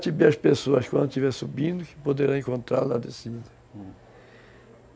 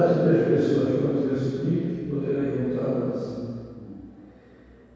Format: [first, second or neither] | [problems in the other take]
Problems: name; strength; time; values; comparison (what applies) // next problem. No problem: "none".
first | room echo; dies away in 2 s